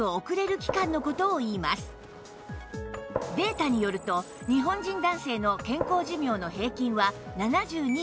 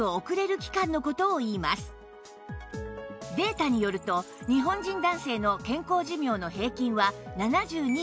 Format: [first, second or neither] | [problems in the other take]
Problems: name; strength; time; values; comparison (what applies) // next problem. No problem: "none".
second | background sound (Gunshot, gunfire); 12 dB below the speech